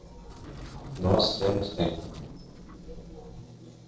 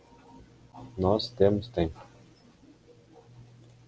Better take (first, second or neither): second